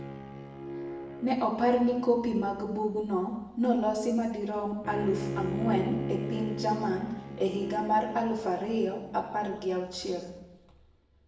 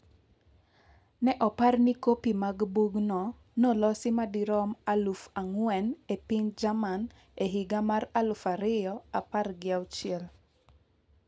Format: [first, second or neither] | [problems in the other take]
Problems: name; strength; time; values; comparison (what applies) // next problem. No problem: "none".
second | background sound (Bowed string instrument); 9 dB below the speech // room echo; dies away in 0.9 s